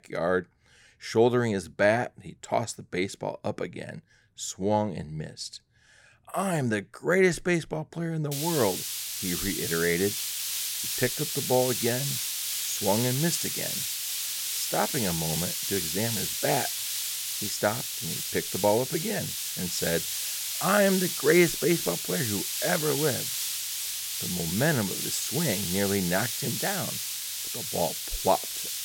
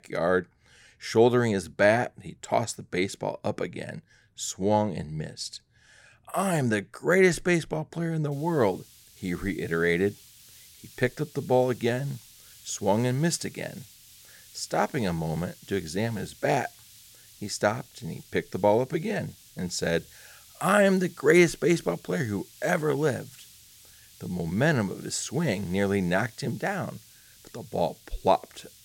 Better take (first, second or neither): second